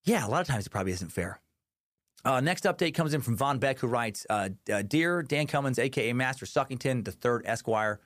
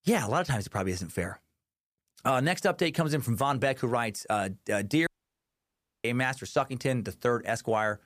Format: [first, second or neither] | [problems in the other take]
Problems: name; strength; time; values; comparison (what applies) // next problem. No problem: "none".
first | audio cutting out; at 5 s for 1 s